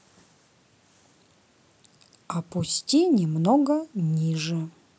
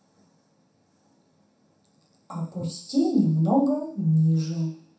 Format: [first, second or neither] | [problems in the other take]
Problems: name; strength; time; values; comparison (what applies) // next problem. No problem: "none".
first | room echo; dies away in 0.7 s